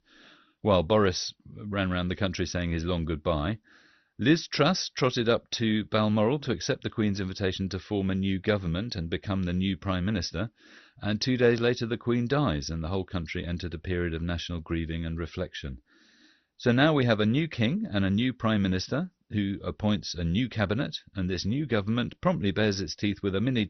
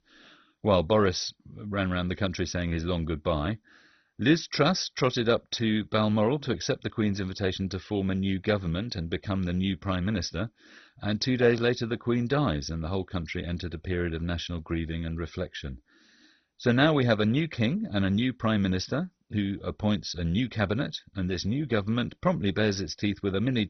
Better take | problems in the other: first | garbled, watery; badly; nothing above 6 kHz; slightly in the first

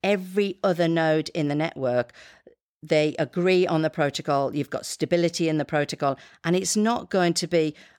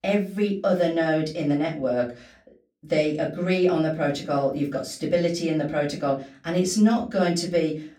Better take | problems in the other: first | off-mic speech; far // room echo; very slight; dies away in 0.3 s

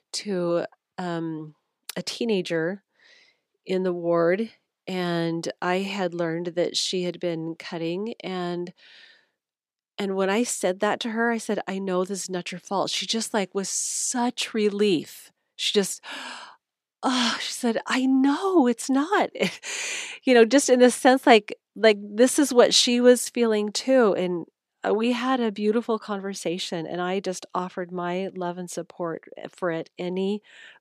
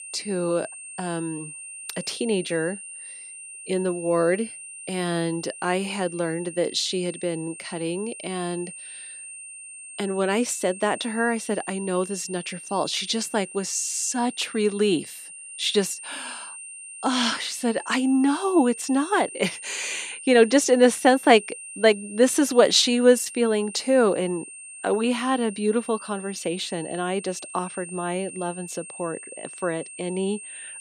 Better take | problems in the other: first | high-pitched whine; noticeable; throughout; 9 kHz, 15 dB below the speech

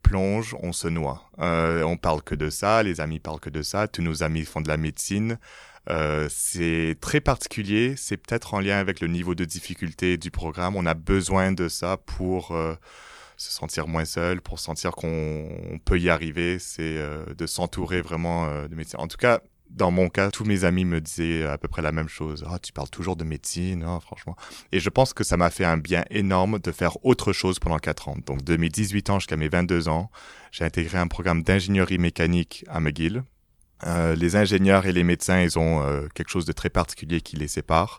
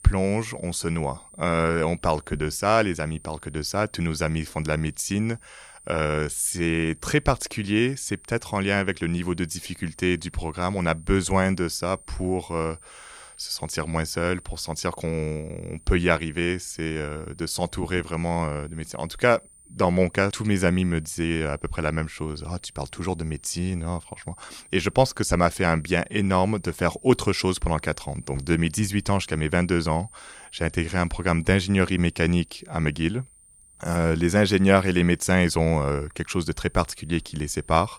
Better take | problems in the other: first | high-pitched whine; faint; throughout; 9 kHz, 25 dB below the speech

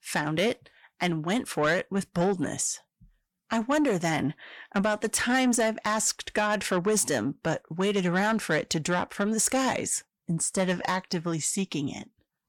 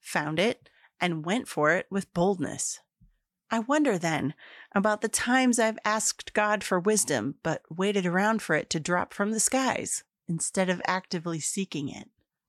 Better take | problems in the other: second | distortion; slight; 10 dB below the speech

